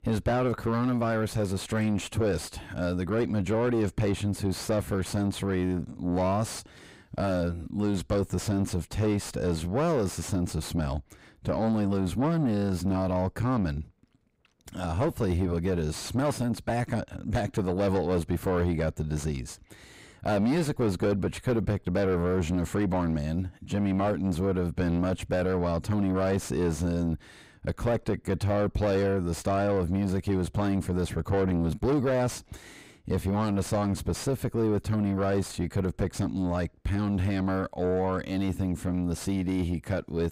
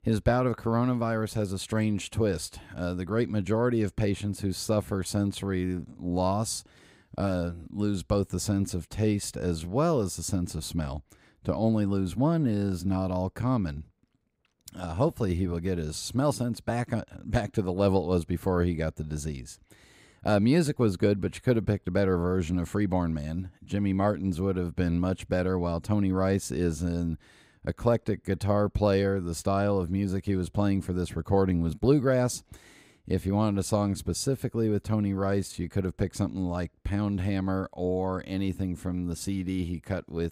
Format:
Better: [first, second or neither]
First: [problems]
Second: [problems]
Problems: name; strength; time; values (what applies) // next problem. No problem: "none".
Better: second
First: distortion; heavy; 7 dB below the speech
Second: none